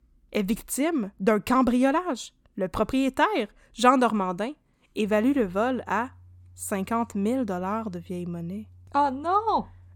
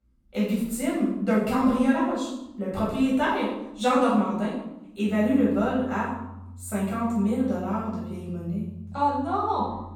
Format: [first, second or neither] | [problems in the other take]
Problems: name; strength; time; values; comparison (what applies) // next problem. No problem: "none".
first | off-mic speech; far // room echo; noticeable; dies away in 0.8 s